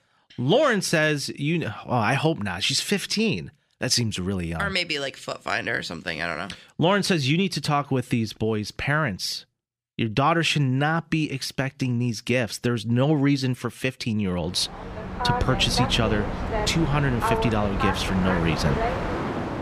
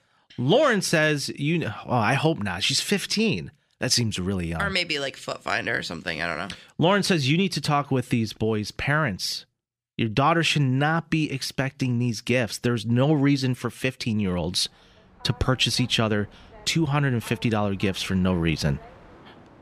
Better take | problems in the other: second | train or aircraft noise; loud; from 15 s on; 3 dB below the speech; faint in the second

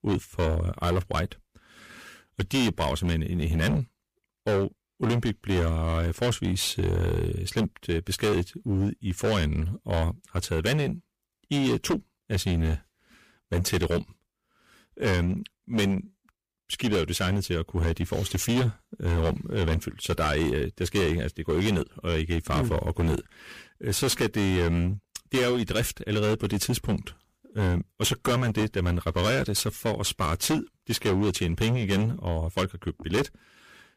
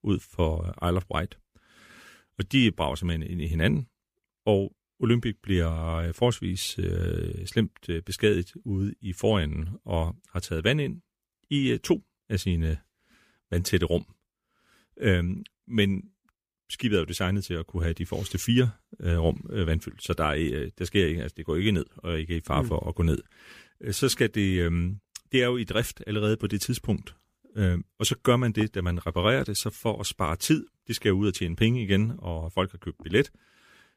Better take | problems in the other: second | distortion; heavy; 17% of the sound clipped

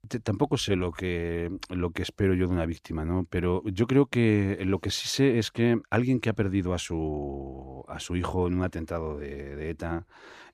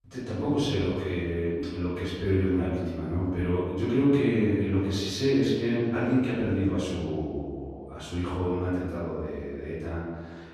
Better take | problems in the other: first | off-mic speech; far // room echo; strong; dies away in 1.5 s

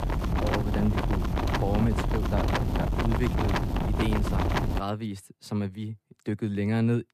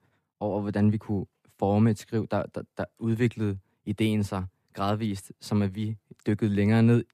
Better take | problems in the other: second | wind noise on the microphone; heavy; until 5 s; 3 dB above the speech

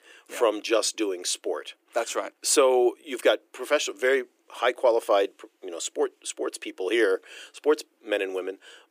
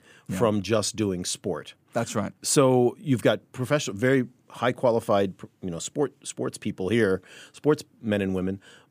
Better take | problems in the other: second | thin; very; fading below 350 Hz

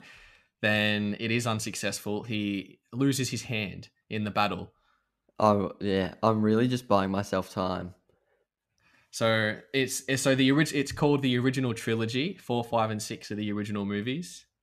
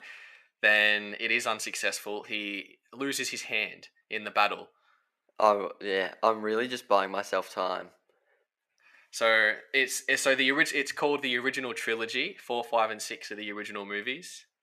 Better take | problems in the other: first | thin; somewhat; fading below 500 Hz

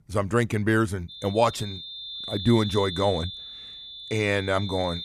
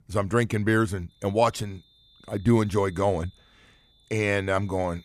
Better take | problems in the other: second | high-pitched whine; loud; from 1 s on; 3.5 kHz, 10 dB below the speech; faint in the second

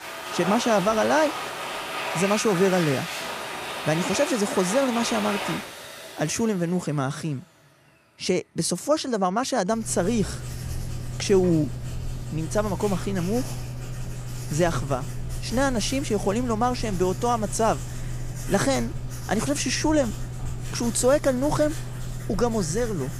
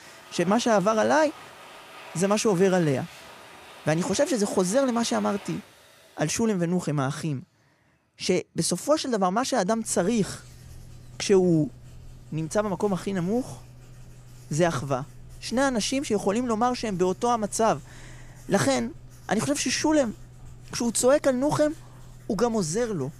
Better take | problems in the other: second | household noises; loud; throughout; 8 dB below the speech; faint in the second

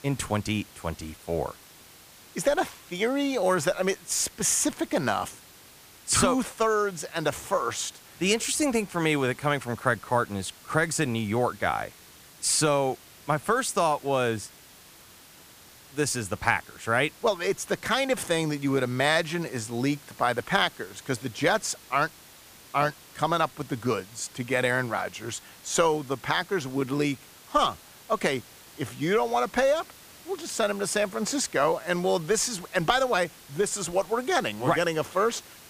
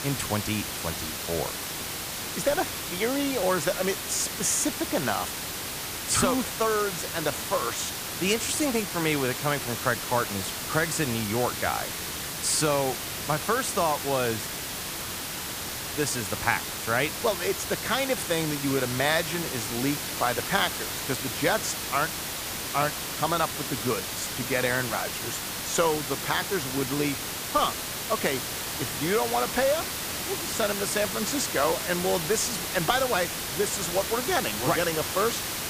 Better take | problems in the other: first | hiss; loud; throughout; 3 dB below the speech; faint in the first

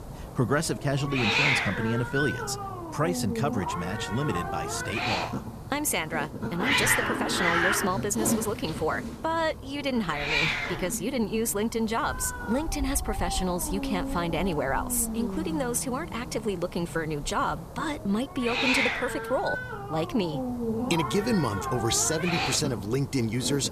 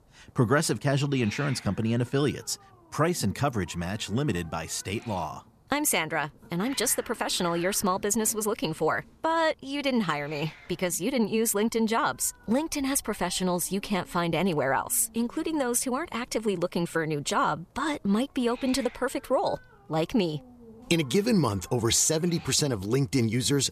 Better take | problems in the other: second | hiss; loud; throughout; 1 dB below the speech; faint in the second

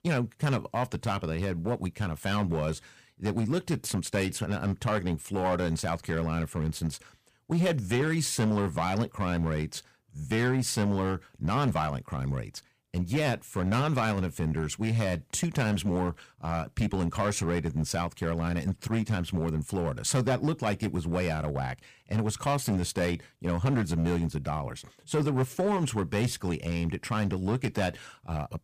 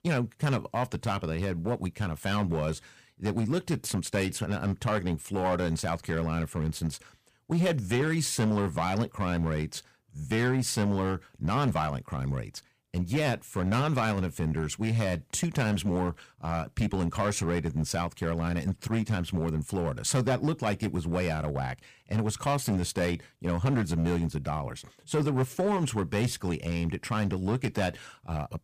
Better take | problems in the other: neither | distortion; slight; 6% of the sound clipped; the same in both

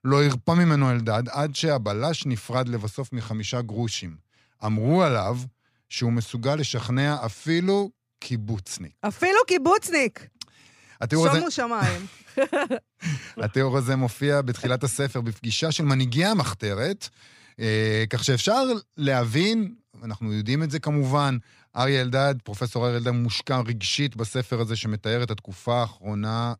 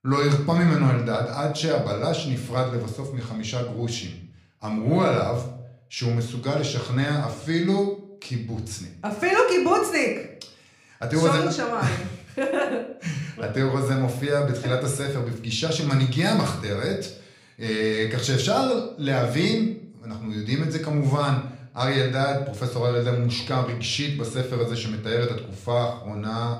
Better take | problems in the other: first | room echo; slight; dies away in 0.5 s // off-mic speech; somewhat distant

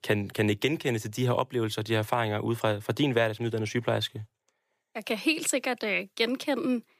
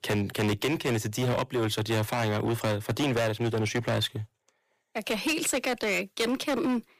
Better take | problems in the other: first | distortion; heavy; 19% of the sound clipped

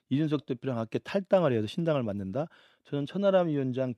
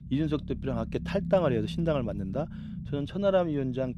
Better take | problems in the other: first | low rumble; noticeable; throughout; 15 dB below the speech

